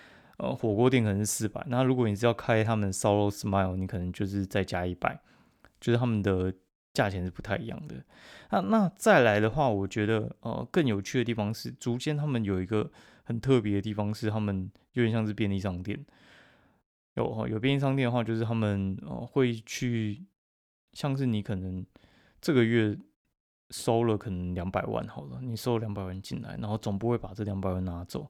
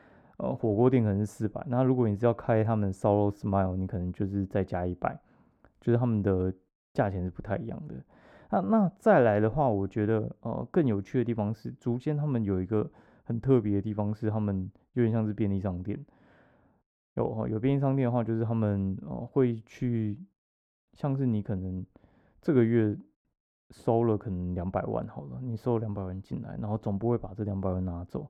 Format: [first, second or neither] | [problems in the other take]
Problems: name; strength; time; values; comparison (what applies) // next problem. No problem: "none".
first | muffled; very; fading above 2 kHz